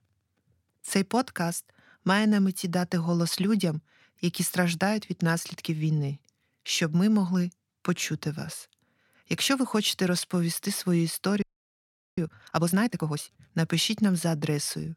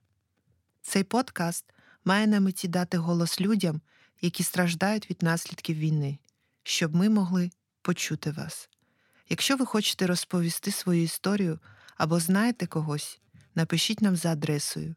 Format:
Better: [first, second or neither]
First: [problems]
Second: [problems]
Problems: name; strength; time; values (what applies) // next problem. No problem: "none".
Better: second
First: audio freezing; at 11 s for 1 s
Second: none